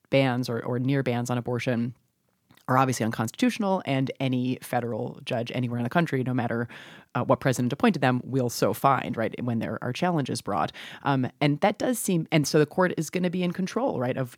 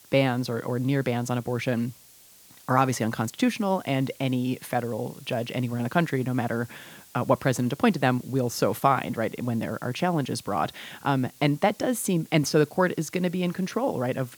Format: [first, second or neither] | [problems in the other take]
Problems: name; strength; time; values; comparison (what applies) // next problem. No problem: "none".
first | hiss; faint; throughout; 25 dB below the speech